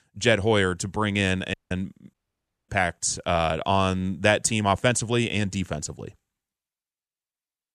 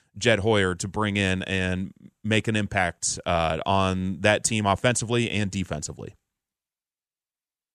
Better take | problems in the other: second | audio cutting out; at 1.5 s and at 2 s for 0.5 s

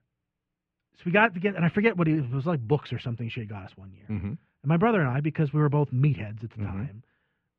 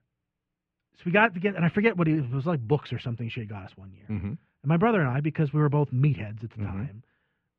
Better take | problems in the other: neither | muffled; very; fading above 3 kHz; the same in both

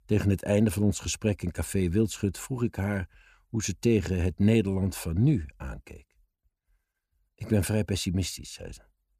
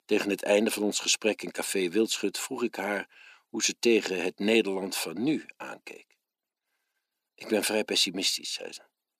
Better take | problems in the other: first | thin; somewhat; fading below 300 Hz

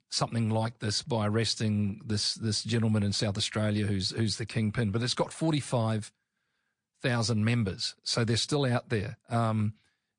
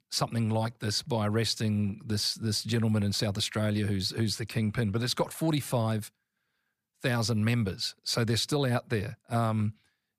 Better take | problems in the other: second | garbled, watery; slightly

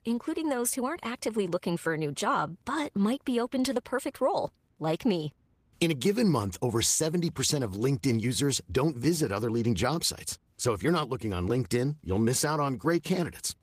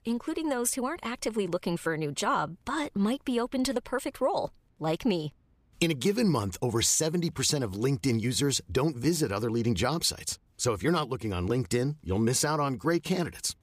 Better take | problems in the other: second | garbled, watery; slightly; nothing above 15 kHz

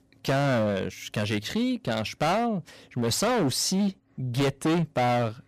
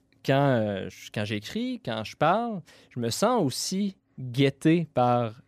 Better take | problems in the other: second | distortion; heavy; 17% of the sound clipped

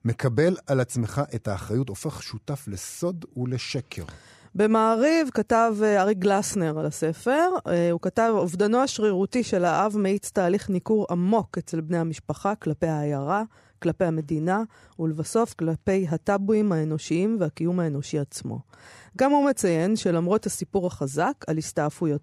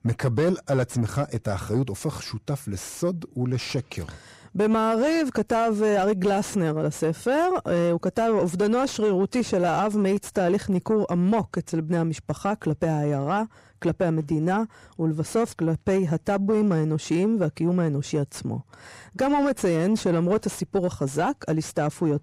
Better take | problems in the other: first | distortion; slight; 10 dB below the speech

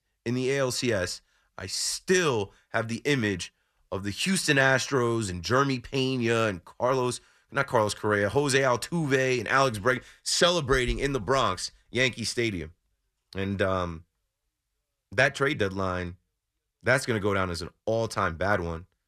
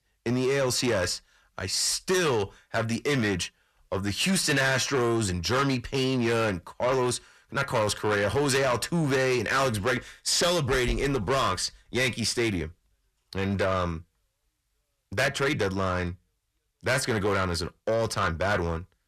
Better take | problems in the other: first | distortion; heavy; 7 dB below the speech

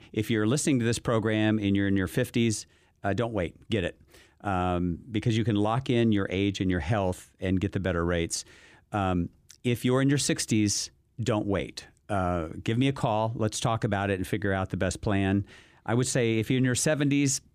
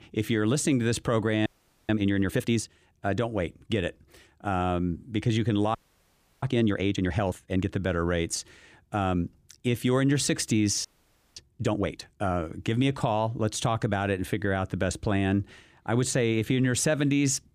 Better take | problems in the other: first | audio freezing; at 1.5 s, at 6 s for 0.5 s and at 11 s for 0.5 s

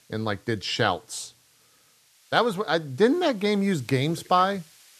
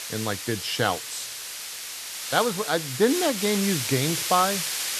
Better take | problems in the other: first | hiss; loud; throughout; 4 dB below the speech; faint in the first

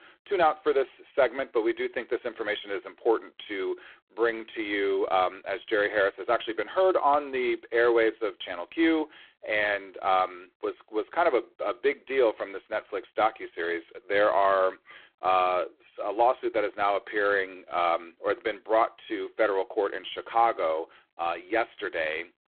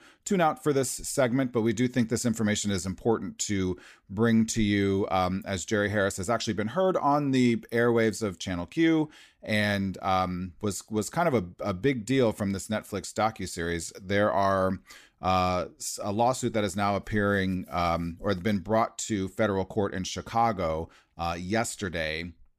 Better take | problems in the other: second | phone-call audio; poor line

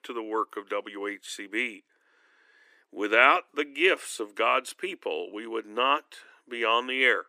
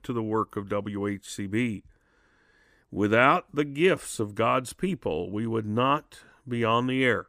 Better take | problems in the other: second | thin; somewhat; fading below 300 Hz

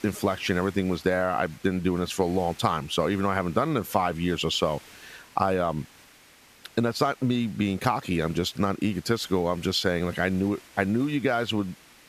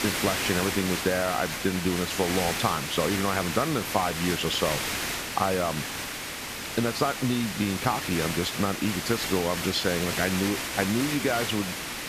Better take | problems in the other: first | hiss; loud; throughout; 2 dB below the speech; faint in the first

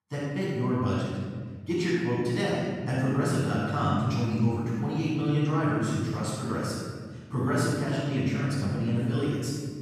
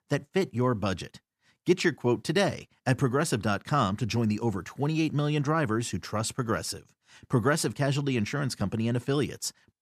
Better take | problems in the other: second | off-mic speech; far // room echo; strong; dies away in 1.9 s

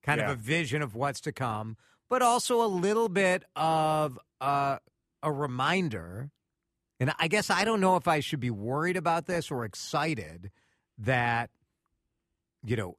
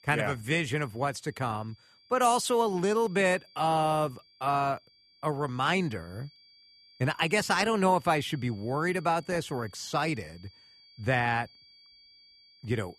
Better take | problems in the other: first | high-pitched whine; faint; throughout; 4.5 kHz, 30 dB below the speech

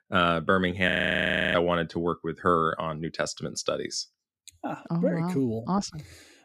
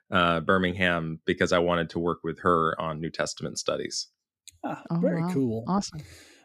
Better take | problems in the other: second | audio freezing; at 1 s for 0.5 s

